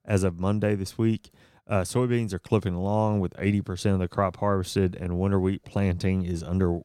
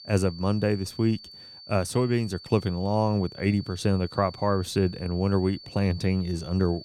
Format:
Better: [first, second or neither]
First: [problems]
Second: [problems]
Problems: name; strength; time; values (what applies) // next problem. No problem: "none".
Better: first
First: none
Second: high-pitched whine; noticeable; throughout; 4.5 kHz, 15 dB below the speech